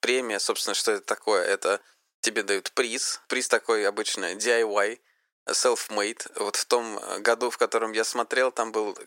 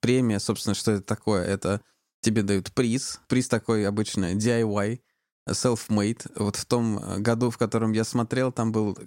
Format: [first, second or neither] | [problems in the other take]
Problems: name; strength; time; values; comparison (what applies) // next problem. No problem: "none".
second | thin; very; fading below 450 Hz